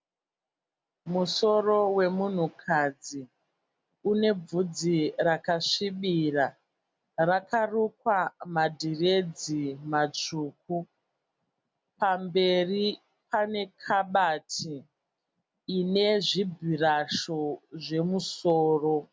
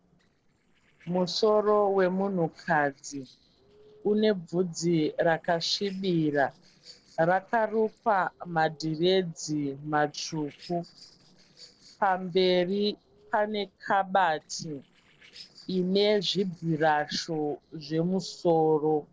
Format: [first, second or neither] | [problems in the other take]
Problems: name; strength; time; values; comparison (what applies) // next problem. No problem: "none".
first | noise reduction (neural separator model SepFormer DNS4)